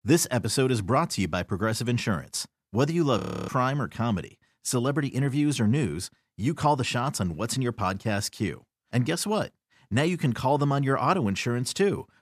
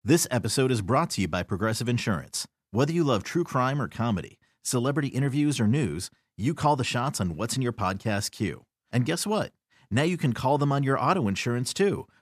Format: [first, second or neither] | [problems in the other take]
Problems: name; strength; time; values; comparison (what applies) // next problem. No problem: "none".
second | audio freezing; at 3 s